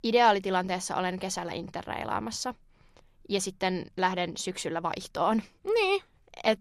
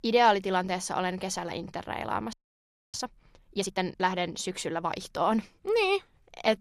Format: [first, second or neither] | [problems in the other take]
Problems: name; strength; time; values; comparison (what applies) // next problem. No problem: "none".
first | audio freezing; at 2.5 s for 0.5 s